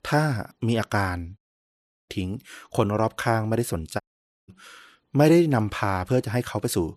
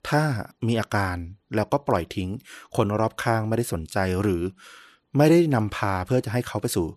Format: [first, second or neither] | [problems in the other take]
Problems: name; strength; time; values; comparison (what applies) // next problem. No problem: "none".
second | audio cutting out; at 1.5 s for 0.5 s and at 4 s